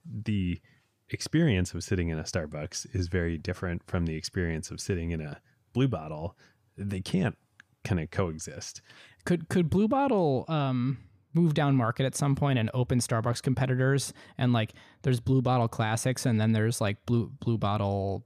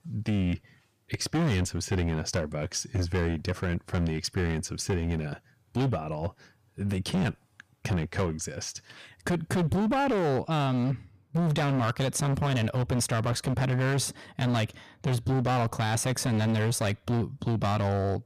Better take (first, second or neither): first